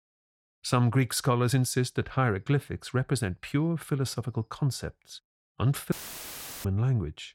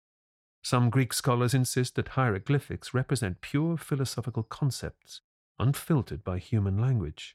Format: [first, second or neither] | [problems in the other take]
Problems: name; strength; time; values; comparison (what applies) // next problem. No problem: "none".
second | audio cutting out; filled with static; at 6 s for 0.5 s